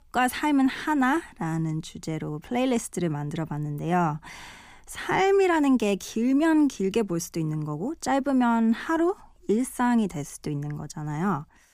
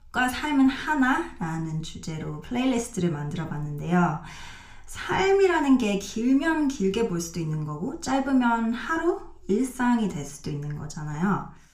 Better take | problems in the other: first | room echo; very slight; dies away in 0.4 s

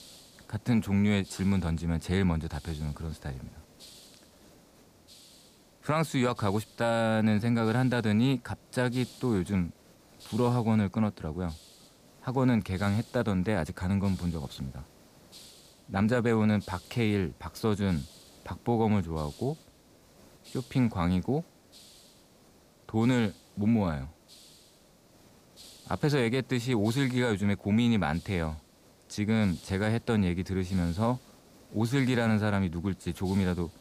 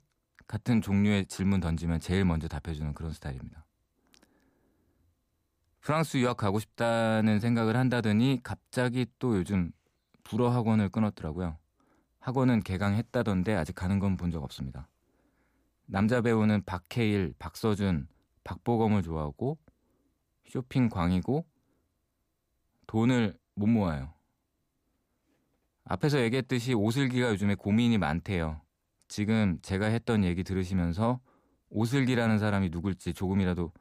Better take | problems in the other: second | hiss; faint; throughout; 25 dB below the speech

